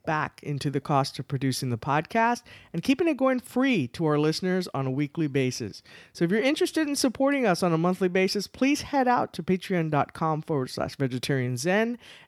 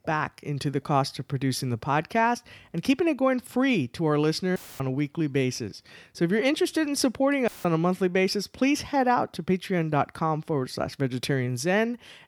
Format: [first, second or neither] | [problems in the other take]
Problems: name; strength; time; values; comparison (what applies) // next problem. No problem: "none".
first | audio cutting out; filled with static; at 4.5 s and at 7.5 s